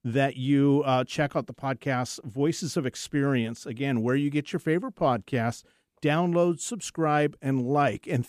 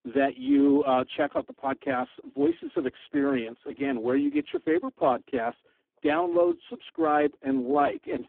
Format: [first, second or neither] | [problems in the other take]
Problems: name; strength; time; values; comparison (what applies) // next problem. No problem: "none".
first | phone-call audio; poor line